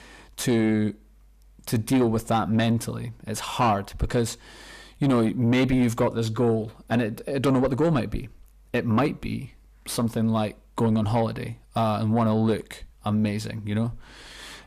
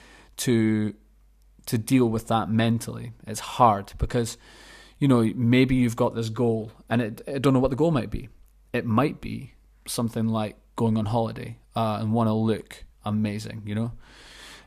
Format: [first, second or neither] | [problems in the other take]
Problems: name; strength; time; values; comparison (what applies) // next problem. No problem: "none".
second | distortion; slight; 10 dB below the speech